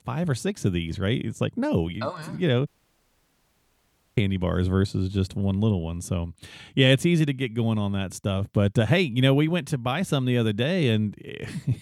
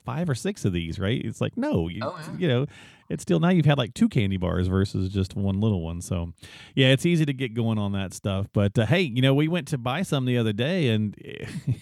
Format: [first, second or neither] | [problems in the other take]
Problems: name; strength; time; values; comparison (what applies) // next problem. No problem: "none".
second | audio cutting out; at 2.5 s for 1.5 s